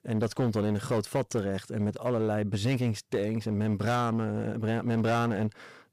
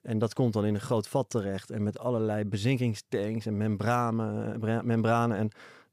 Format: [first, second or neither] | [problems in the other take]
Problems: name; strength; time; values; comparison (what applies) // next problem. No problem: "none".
second | distortion; slight; 9% of the sound clipped